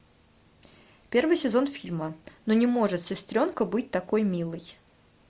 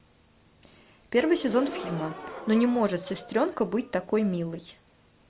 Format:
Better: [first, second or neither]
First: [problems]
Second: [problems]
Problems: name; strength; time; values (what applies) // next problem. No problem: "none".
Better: first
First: none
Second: background sound (Gasp); 12 dB below the speech